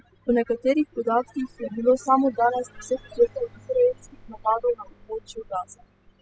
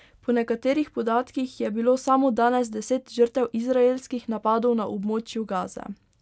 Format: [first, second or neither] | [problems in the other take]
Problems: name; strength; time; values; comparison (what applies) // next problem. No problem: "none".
second | noise reduction (classical method spectral subtraction)